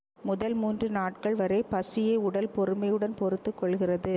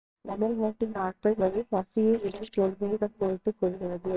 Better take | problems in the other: first | noise reduction (neural separator model SepFormer WHAMR!)

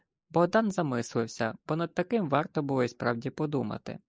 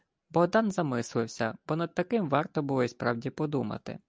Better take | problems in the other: second | noise reduction (neural mask model Resemble Enhance denoiser)

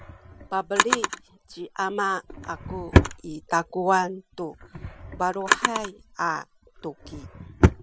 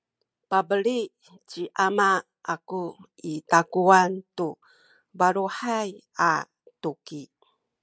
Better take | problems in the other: second | background sound (Drawer open or close); 3 dB above the speech

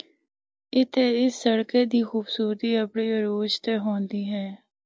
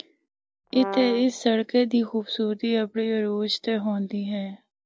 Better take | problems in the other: first | background sound (Brass instrument); 8 dB below the speech

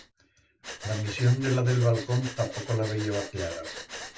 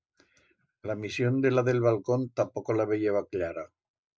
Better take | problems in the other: second | background sound (Breathing); 12 dB below the speech // room echo; dies away in 0.2 s

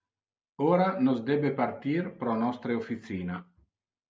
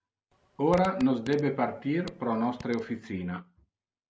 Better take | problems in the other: first | background sound (Fart); 18 dB below the speech

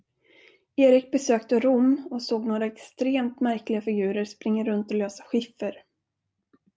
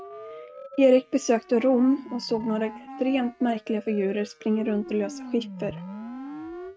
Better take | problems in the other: first | noise reduction (neural mask model RNNoise)

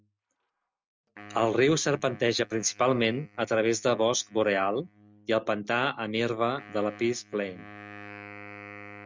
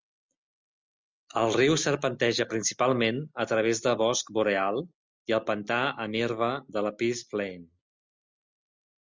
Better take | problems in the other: second | noise reduction (neural mask model RNNoise)

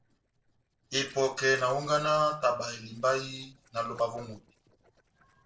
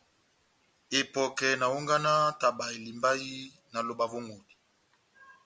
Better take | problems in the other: second | noise reduction (neural separator model SepFormer DNS4)

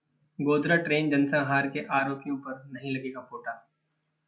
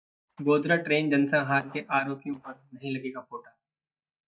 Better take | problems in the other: first | noise reduction (neural mask model DeepFilterNet 3)

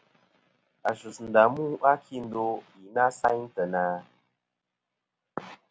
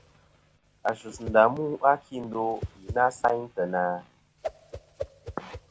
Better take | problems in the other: first | background sound (Whoosh, swoosh, swish); 15 dB below the speech

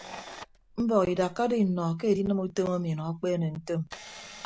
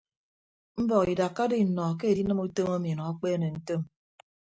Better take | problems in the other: second | background sound (Camera); 19 dB below the speech

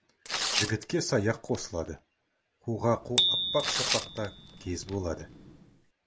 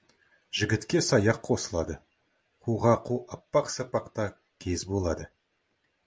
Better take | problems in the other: second | background sound (Bicycle bell + Tearing); as loud as the speech

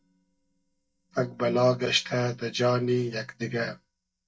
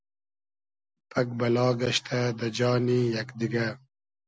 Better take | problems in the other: second | noise reduction (neural mask model DeepFilterNet 3)

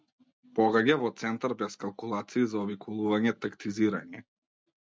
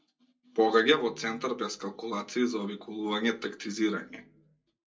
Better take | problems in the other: first | room echo; dies away in 0.2 s

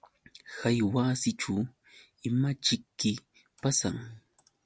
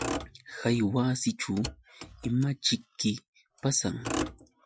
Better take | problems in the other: first | noise reduction (classical method Wiener filter)

